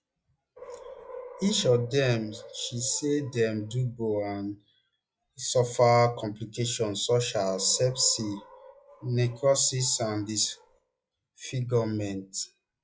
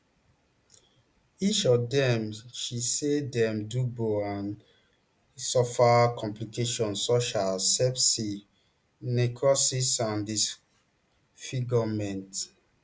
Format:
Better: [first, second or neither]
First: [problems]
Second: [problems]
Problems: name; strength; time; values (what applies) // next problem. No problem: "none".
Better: second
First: noise reduction (classical method log-MMSE)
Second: none